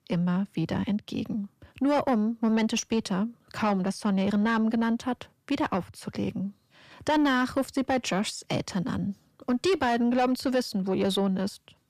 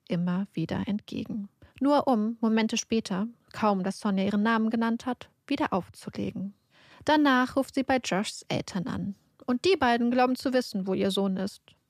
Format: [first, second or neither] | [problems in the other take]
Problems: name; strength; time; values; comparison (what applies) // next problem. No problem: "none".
second | distortion; slight; 10 dB below the speech